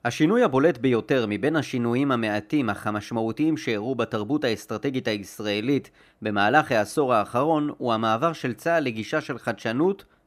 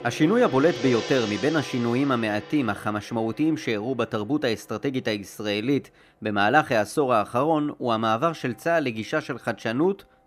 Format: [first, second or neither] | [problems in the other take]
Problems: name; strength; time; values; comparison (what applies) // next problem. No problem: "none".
first | background music; noticeable; throughout; 10 dB below the speech